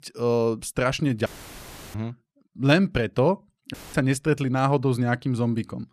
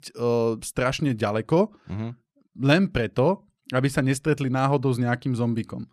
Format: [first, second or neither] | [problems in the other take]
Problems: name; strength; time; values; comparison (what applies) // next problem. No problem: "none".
second | audio cutting out; filled with static; at 1.5 s for 0.5 s and at 3.5 s